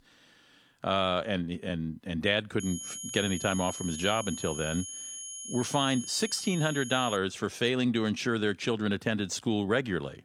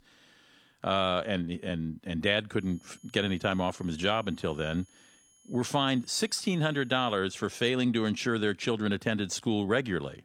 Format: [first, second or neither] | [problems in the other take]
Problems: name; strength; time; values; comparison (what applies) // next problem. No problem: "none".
second | high-pitched whine; loud; from 2.5 to 7 s; 6.5 kHz, 8 dB below the speech; faint in the second